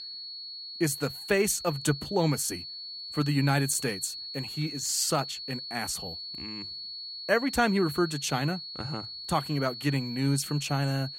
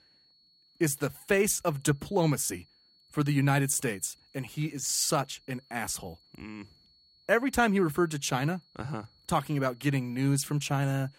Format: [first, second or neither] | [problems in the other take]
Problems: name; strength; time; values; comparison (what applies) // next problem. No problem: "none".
second | high-pitched whine; loud; throughout; 4.5 kHz, 8 dB below the speech; faint in the second